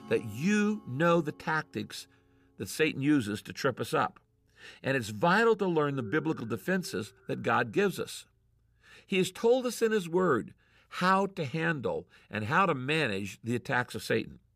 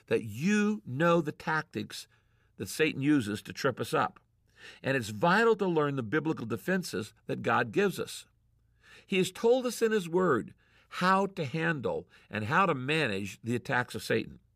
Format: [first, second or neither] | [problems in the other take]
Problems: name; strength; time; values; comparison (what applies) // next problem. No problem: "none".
second | background music; faint; until 8 s; 25 dB below the speech